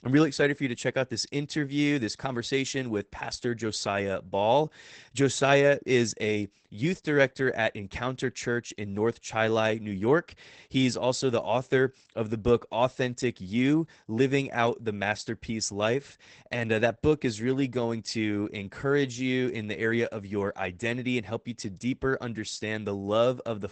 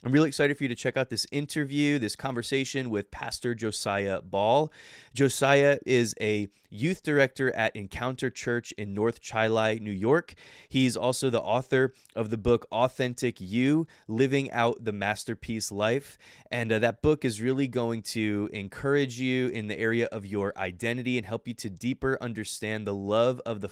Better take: second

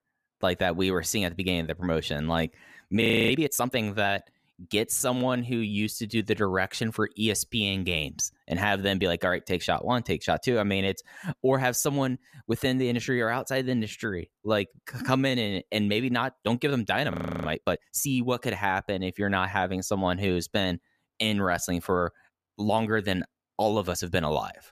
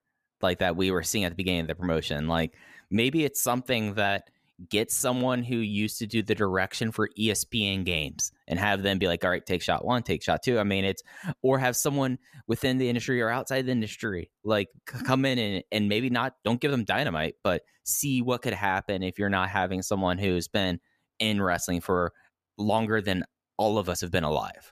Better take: second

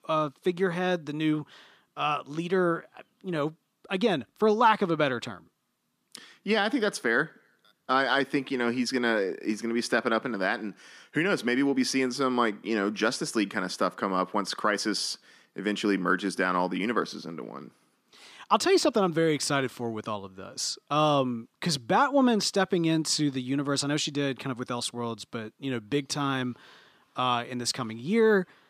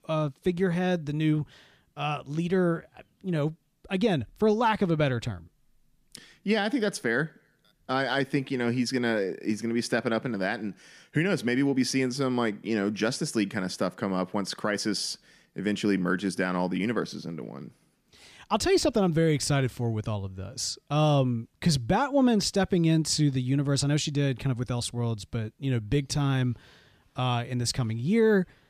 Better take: second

